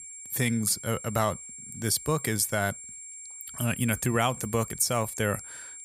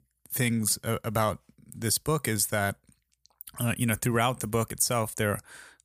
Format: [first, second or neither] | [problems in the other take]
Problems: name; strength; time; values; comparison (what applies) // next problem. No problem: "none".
second | high-pitched whine; noticeable; throughout; 7.5 kHz, 10 dB below the speech